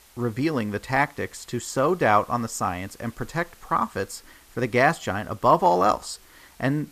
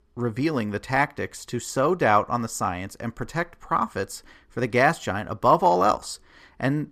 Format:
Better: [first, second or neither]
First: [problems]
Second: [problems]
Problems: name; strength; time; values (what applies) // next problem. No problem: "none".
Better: second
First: hiss; faint; throughout; 25 dB below the speech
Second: none